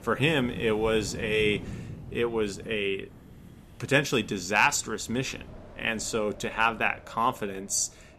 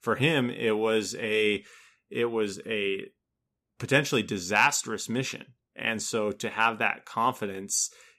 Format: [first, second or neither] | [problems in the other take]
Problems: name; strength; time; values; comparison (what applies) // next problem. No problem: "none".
second | wind in the background; noticeable; throughout; 15 dB below the speech